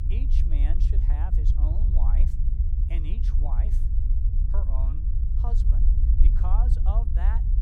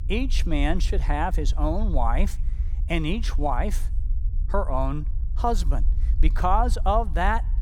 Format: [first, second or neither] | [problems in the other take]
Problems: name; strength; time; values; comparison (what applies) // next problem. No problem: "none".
second | low rumble; loud; throughout; 2 dB below the speech; faint in the second